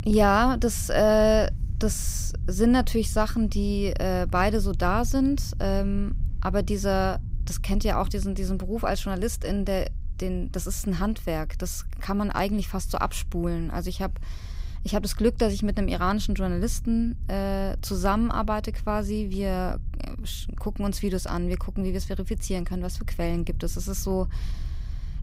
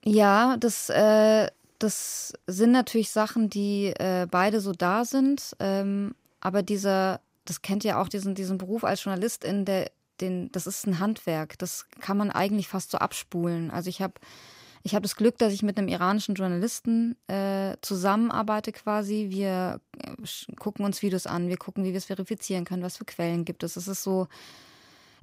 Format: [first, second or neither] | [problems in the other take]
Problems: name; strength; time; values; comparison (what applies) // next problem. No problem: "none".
second | low rumble; faint; throughout; 25 dB below the speech